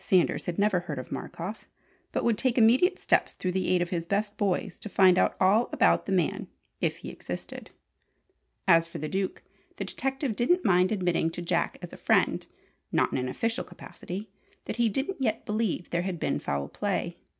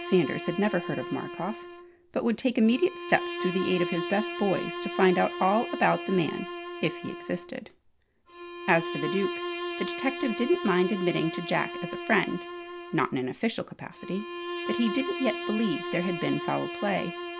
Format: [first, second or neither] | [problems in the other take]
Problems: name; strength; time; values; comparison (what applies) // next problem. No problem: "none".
first | background sound (Bowed string instrument); 7 dB below the speech